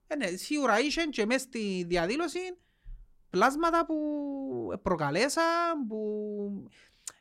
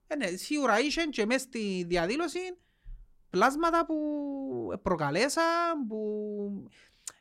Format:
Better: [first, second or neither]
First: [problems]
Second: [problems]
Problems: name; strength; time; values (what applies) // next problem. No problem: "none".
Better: neither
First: none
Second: none